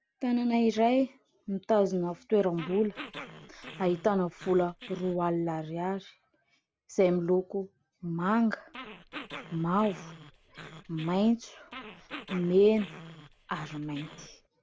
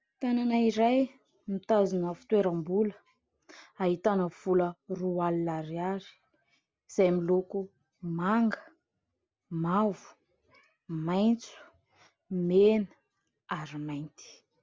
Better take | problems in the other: second | background sound (Growling); 16 dB below the speech

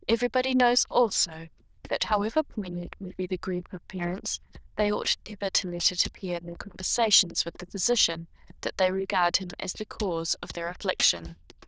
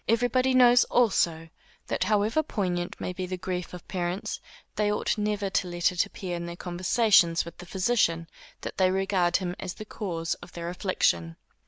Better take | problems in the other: second | noise reduction (neural diffusion model UNIVERSE++)

